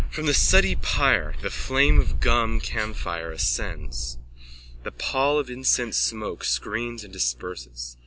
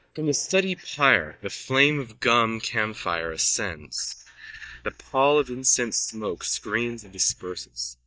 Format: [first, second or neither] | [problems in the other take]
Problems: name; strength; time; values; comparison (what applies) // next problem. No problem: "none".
first | noise reduction (neural mask model DeepFilterNet 3)